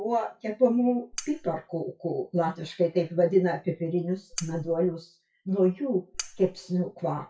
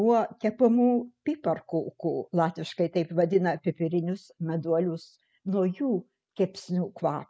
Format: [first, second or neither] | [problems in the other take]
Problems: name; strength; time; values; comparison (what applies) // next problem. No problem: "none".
second | noise reduction (classical method WPE with log-MMSE)